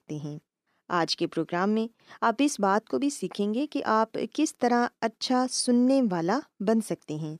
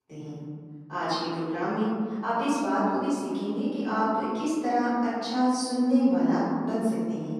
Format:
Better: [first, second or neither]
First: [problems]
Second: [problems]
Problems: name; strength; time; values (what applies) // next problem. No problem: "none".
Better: first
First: none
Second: off-mic speech; far // room echo; strong; dies away in 2 s